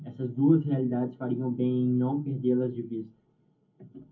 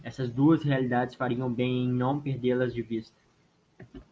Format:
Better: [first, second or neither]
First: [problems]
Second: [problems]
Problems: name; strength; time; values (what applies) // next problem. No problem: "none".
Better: second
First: room echo; dies away in 0.3 s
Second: none